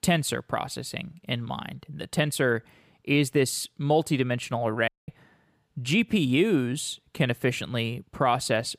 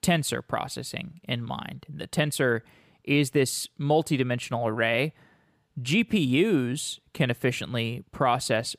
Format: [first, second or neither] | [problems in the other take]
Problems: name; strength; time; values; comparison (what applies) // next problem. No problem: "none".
second | audio cutting out; at 5 s